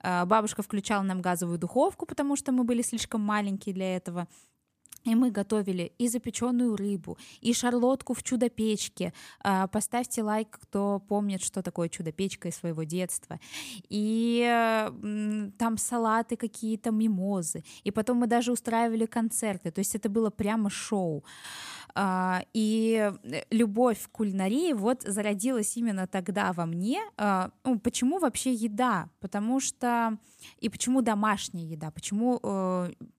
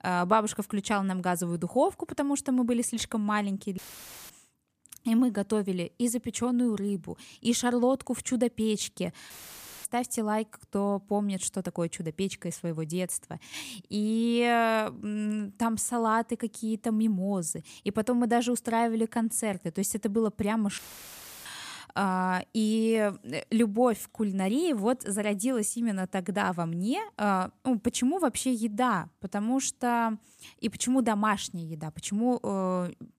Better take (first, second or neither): first